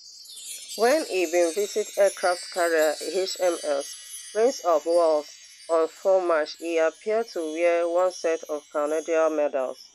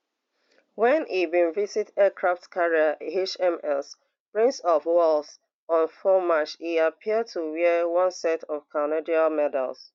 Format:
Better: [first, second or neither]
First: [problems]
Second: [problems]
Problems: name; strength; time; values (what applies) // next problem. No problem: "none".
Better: second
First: background sound (Chime); 17 dB below the speech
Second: none